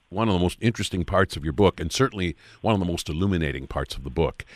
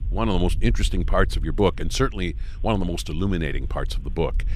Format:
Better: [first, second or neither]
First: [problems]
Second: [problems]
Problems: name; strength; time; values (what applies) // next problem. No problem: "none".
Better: first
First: none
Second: low rumble; faint; throughout; 25 dB below the speech